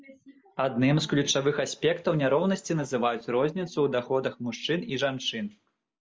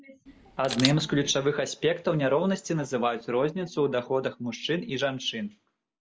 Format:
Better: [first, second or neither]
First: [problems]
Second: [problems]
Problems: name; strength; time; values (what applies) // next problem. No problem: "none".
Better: first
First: none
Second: background sound (Camera); 8 dB below the speech